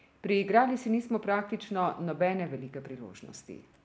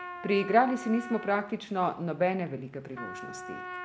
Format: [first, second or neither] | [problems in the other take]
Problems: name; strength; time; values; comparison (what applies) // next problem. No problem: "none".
first | background sound (Trumpet); 13 dB below the speech